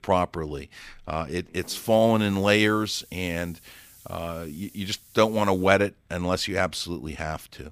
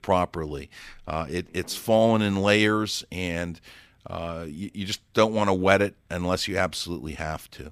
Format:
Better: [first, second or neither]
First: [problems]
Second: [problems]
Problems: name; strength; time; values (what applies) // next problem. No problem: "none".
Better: second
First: hiss; faint; from 1.5 to 5.5 s; 25 dB below the speech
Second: none